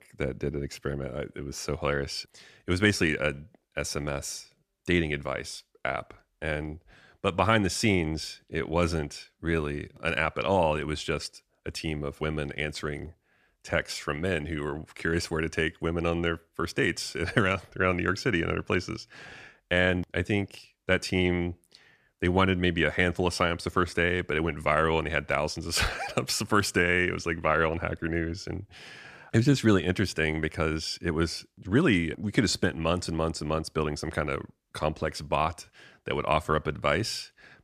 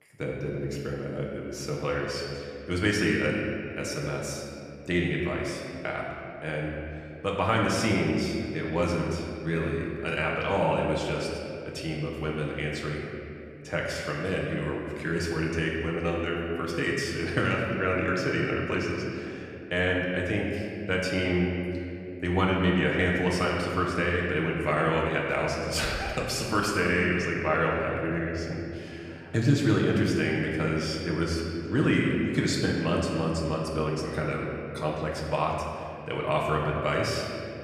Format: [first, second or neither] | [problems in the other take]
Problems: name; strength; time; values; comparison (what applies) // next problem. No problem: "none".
first | room echo; noticeable; dies away in 2.4 s // off-mic speech; somewhat distant